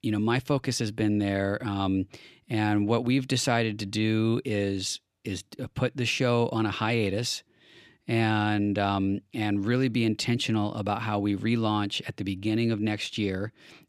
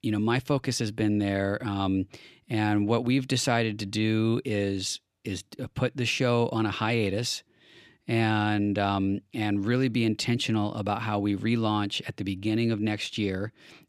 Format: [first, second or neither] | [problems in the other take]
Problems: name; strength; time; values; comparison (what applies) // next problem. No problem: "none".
neither | none